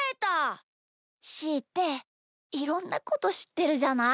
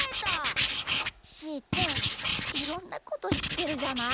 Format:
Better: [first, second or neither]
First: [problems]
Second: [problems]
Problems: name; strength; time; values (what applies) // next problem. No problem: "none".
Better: first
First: none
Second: background sound (Writing); 4 dB above the speech